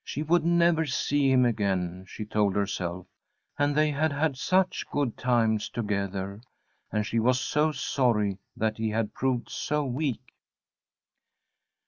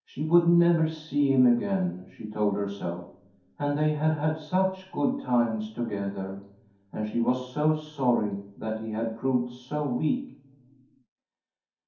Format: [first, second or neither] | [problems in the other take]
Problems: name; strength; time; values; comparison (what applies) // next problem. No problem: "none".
first | room echo; dies away in 0.6 s